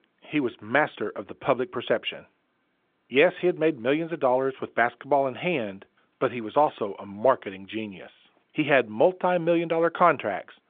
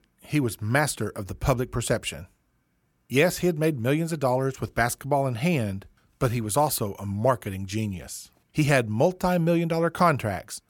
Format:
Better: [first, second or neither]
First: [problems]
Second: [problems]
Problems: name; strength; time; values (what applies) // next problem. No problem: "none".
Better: second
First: phone-call audio; nothing above 3.5 kHz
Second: none